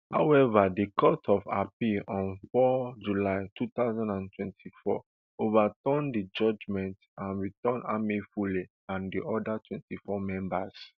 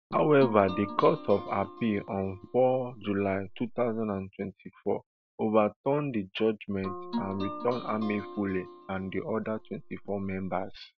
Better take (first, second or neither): first